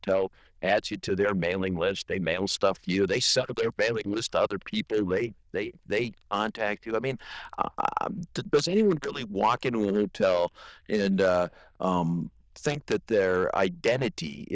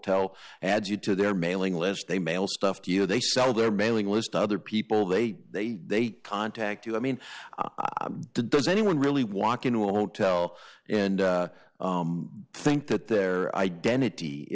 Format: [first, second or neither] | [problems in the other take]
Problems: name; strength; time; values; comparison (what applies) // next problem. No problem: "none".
second | noise reduction (neural diffusion model UNIVERSE++)